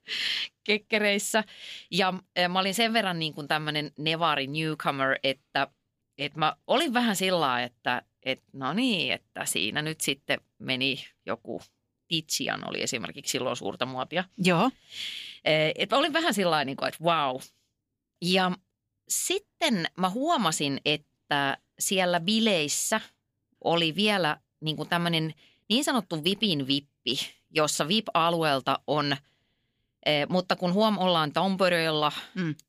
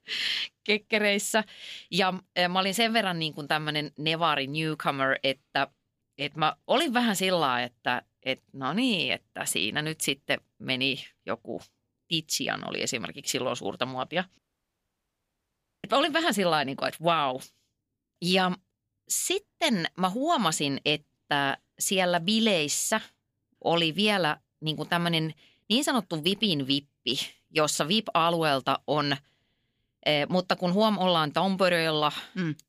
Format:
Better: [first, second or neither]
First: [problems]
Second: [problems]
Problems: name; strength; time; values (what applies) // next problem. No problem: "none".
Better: first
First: none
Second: audio cutting out; at 14 s for 1.5 s